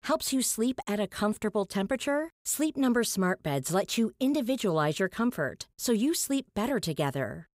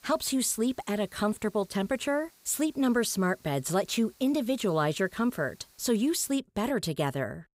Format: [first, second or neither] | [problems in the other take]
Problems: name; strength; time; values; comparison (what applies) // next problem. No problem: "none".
first | hiss; faint; until 6.5 s; 30 dB below the speech